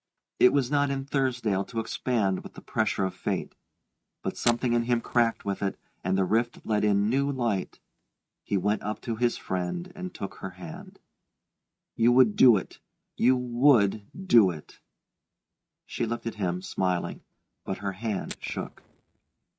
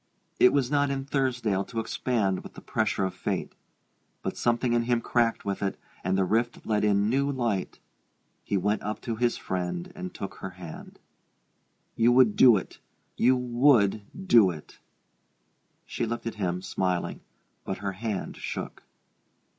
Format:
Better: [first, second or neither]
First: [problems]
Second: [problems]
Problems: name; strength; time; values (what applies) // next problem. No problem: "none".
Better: second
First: noise reduction (neural mask model RNNoise)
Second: none